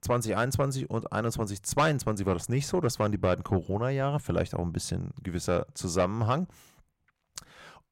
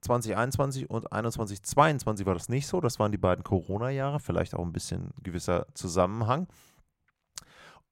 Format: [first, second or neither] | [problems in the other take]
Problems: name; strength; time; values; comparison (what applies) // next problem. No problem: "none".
second | distortion; slight; 10 dB below the speech